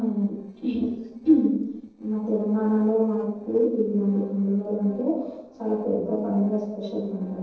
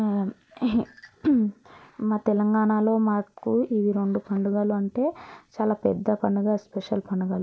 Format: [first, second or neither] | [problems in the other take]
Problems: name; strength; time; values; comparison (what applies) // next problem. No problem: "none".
second | noise reduction (neural separator model SepFormer DNS4)